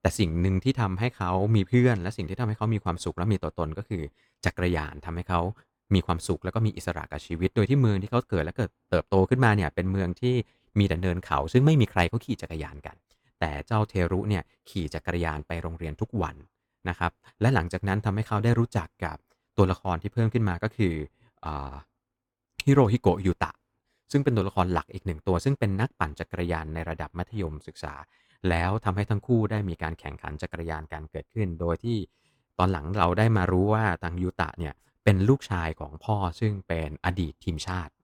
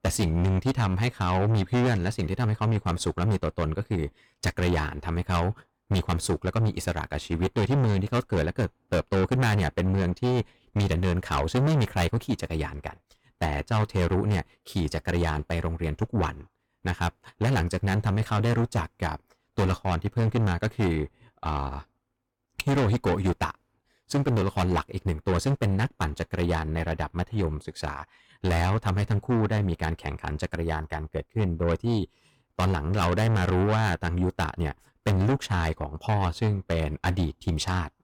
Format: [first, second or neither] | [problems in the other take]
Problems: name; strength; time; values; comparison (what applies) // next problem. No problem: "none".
first | distortion; heavy; 6 dB below the speech